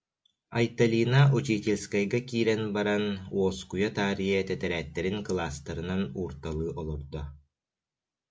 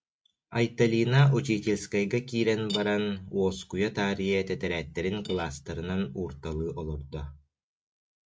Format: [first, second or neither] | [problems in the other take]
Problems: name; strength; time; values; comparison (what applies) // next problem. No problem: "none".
first | noise reduction (neural mask model RNNoise)